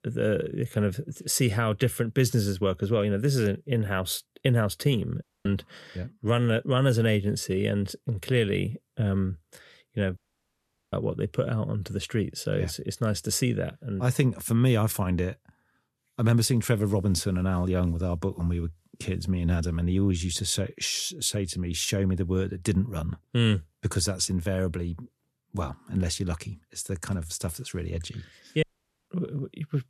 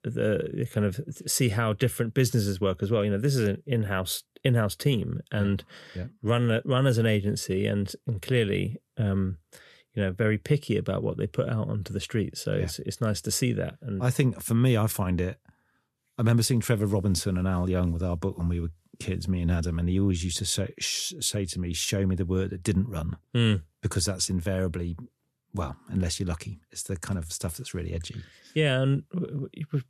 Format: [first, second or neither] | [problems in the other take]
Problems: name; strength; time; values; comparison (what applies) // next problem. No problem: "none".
second | audio cutting out; at 5 s, at 10 s for 1 s and at 29 s